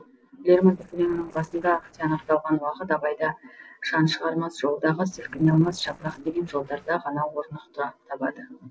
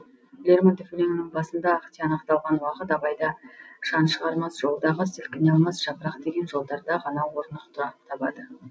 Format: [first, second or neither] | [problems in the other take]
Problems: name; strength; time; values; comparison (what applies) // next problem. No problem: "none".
second | noise reduction (neural separator model SepFormer DNS4)